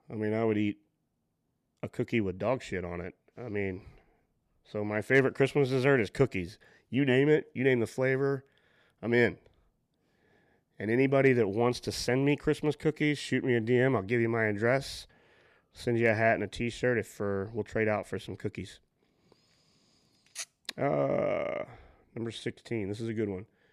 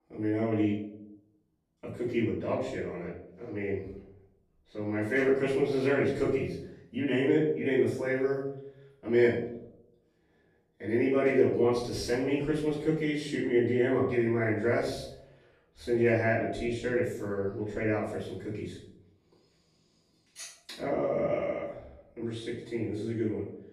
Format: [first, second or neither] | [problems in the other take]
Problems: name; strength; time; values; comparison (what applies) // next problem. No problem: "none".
first | off-mic speech; far // room echo; noticeable; dies away in 0.6 s